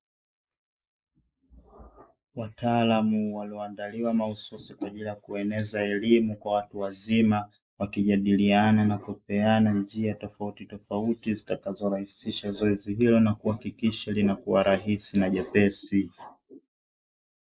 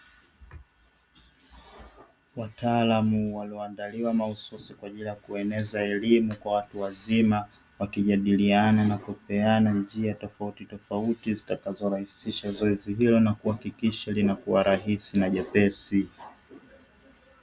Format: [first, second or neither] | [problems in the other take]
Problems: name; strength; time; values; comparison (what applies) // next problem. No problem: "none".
second | noise reduction (neural mask model Resemble Enhance denoiser)